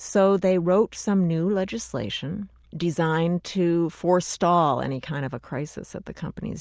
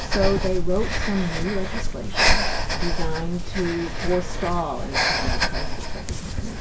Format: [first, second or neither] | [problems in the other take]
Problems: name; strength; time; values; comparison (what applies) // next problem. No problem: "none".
first | background sound (Breathing); 5 dB above the speech // room echo; dies away in 0.2 s